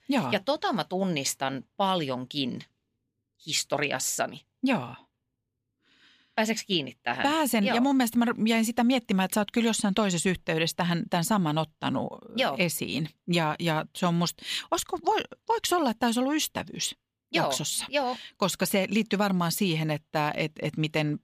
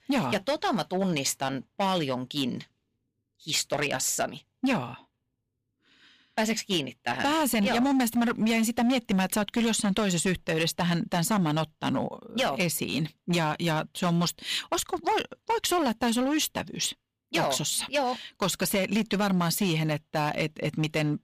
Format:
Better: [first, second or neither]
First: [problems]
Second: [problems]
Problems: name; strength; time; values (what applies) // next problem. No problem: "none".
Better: first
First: none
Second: distortion; slight; 9% of the sound clipped